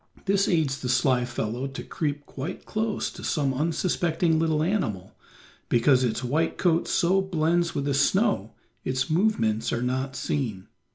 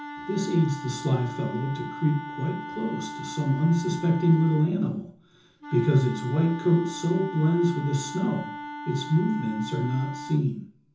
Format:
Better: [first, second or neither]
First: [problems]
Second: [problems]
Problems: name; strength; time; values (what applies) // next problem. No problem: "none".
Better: first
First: none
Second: background sound (Wind instrument, woodwind instrument); 12 dB below the speech // room echo; dies away in 0.7 s